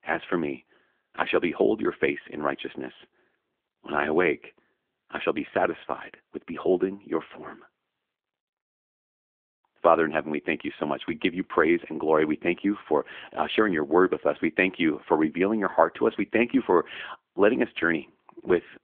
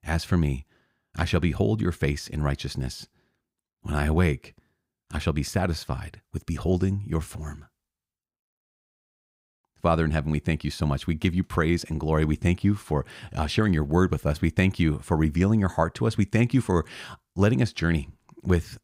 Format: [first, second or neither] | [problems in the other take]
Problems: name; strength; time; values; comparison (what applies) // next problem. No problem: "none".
second | phone-call audio; nothing above 3.5 kHz